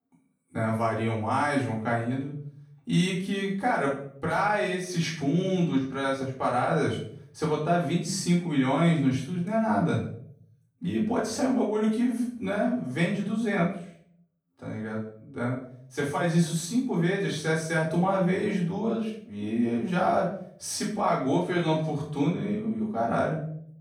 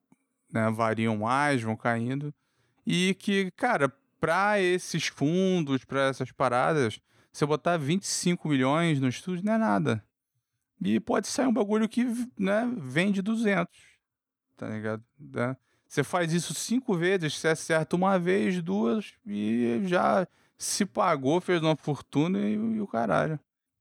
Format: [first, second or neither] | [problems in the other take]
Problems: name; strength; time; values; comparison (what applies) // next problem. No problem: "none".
second | off-mic speech; far // room echo; noticeable; dies away in 0.5 s